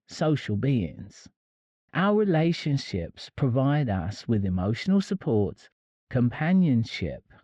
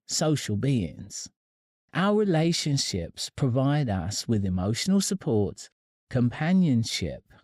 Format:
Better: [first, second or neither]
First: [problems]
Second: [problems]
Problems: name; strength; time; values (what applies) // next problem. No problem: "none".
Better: second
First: muffled; slightly; fading above 2.5 kHz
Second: none